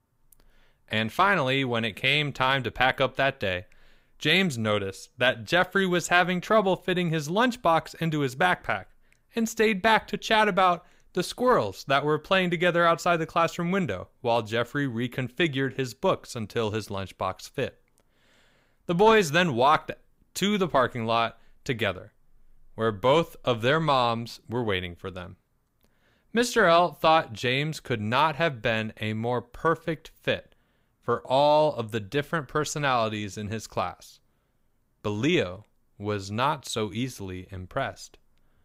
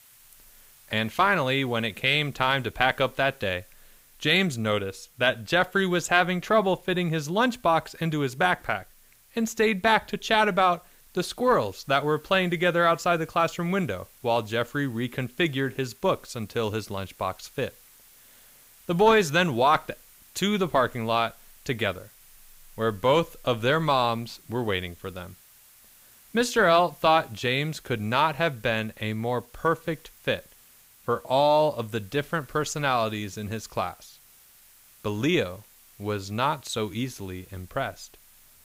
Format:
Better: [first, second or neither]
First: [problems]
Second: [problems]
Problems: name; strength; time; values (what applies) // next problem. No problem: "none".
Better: first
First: none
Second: hiss; faint; throughout; 25 dB below the speech